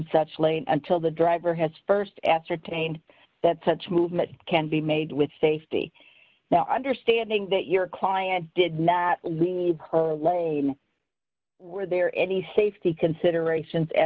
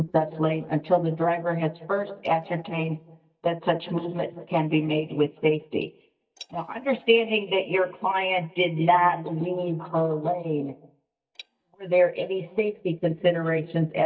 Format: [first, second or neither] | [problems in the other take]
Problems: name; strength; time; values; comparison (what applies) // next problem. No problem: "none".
first | noise reduction (neural mask model DeepFilterNet 3)